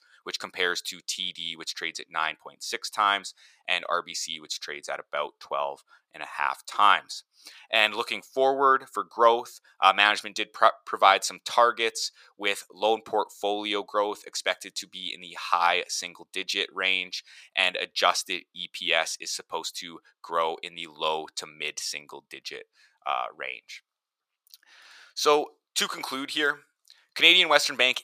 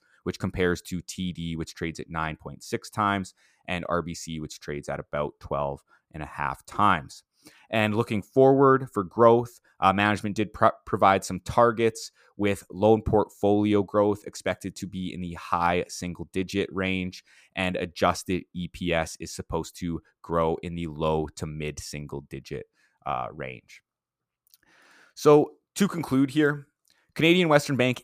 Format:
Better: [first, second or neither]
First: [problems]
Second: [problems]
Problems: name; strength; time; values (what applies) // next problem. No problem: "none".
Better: second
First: thin; very; fading below 700 Hz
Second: none